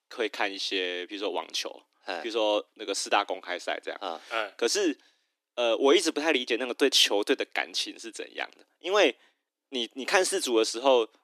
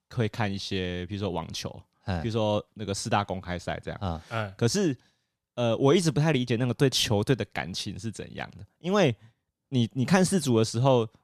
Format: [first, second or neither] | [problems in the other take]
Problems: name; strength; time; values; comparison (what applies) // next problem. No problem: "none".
second | thin; somewhat; fading below 300 Hz